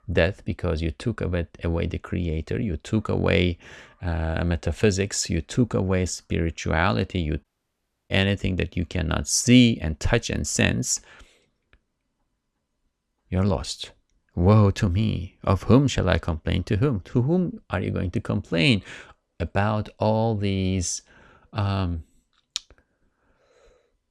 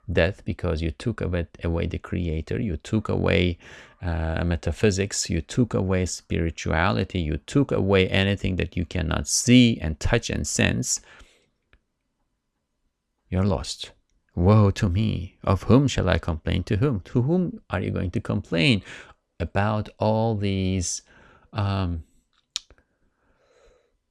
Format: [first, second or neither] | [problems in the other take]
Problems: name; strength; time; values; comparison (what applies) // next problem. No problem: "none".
second | audio cutting out; at 7.5 s for 0.5 s